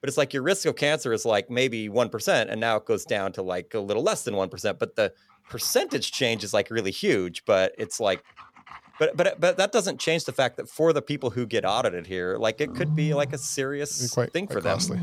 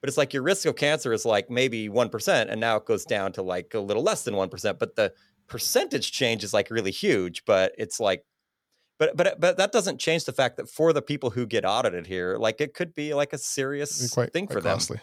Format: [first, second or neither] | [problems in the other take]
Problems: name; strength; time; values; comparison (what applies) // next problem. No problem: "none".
second | animal sounds; loud; from 5.5 s on; 8 dB below the speech